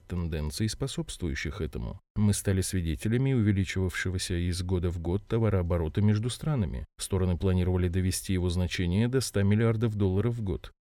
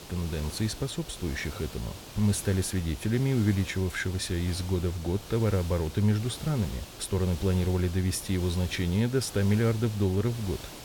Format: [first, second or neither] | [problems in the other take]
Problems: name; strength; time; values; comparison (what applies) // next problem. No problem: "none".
first | hiss; noticeable; throughout; 15 dB below the speech